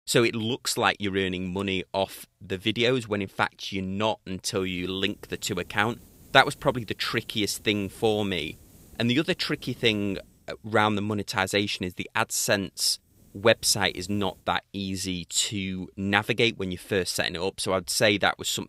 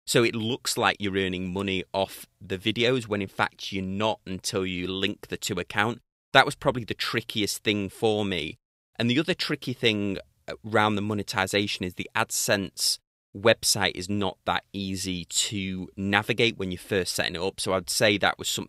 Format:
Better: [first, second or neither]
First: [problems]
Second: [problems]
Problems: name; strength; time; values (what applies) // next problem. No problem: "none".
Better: second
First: hiss; faint; from 4.5 to 14 s; 25 dB below the speech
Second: none